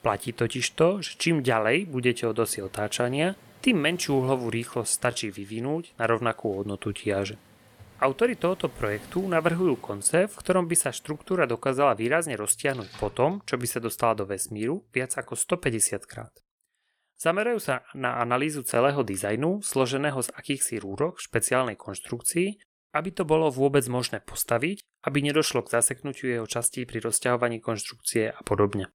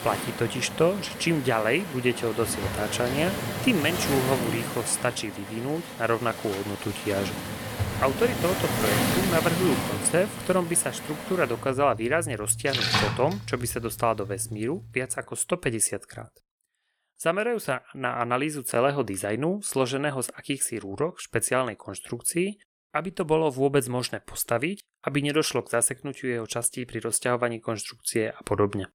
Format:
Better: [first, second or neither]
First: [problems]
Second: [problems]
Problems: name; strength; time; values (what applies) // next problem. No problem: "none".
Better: first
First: rain or running water; faint; until 15 s; 25 dB below the speech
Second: rain or running water; loud; until 15 s; 4 dB below the speech